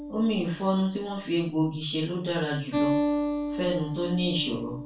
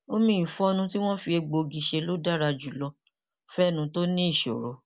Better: second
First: background sound (Acoustic guitar); 4 dB below the speech // room echo; dies away in 0.3 s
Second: none

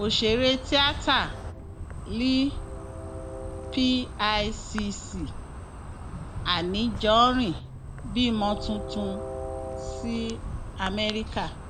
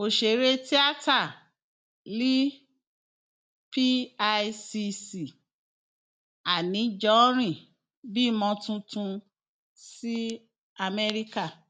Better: second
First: background sound (Insect + Train); 8 dB below the speech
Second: none

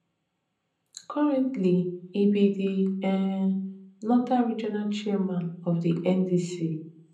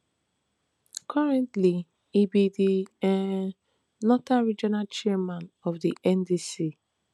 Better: second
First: room echo; dies away in 0.6 s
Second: none

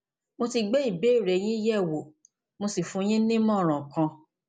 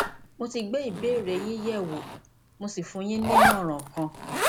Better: first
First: none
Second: background sound (Zipper (clothing)); 2 dB above the speech

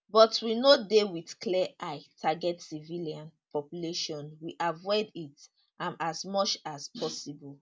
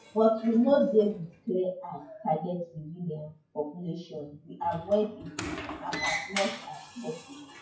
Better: first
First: none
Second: noise reduction (classical method WPE with log-MMSE)

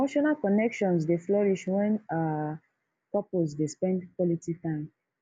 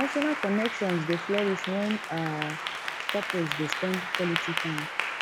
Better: first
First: none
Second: background sound (Applause / Clapping); 3 dB below the speech

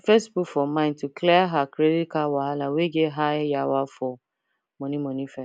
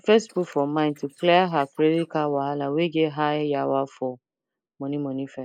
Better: first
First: none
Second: noise reduction (neural mask model Resemble Enhance denoiser)

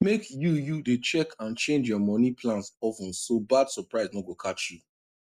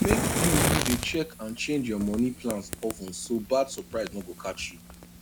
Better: first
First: none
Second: background sound (Fire); 2 dB below the speech

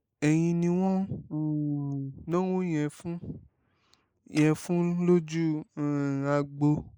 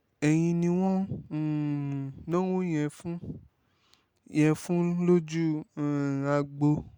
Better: second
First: noise reduction (neural mask model Resemble Enhance denoiser)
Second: none

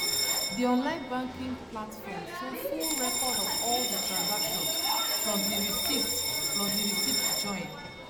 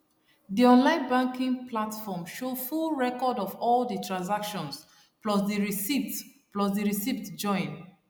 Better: second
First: background sound (Bell); 4 dB above the speech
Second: none

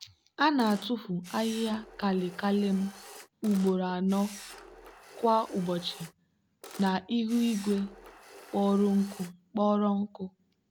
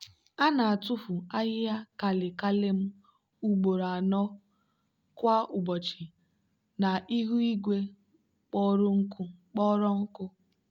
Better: second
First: background sound (Camera); 18 dB below the speech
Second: none

